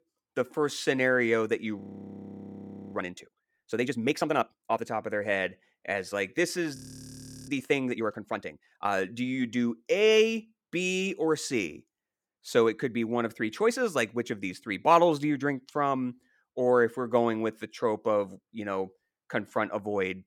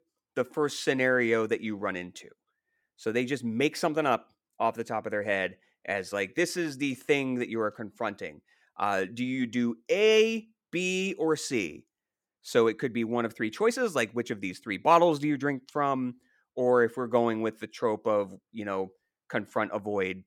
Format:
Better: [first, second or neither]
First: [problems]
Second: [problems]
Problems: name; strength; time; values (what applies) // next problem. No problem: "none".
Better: second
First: audio freezing; at 2 s for 1 s and at 7 s for 0.5 s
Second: none